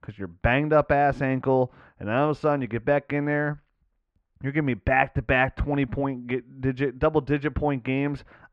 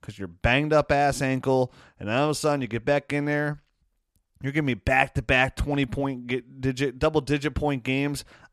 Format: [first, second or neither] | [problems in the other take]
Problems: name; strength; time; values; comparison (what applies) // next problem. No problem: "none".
second | muffled; very; fading above 1.5 kHz